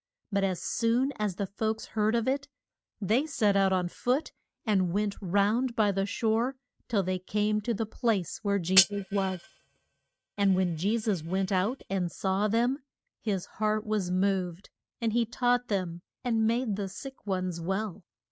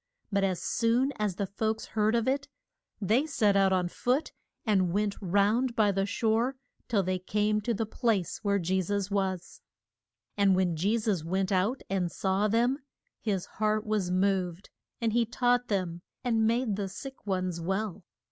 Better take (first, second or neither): second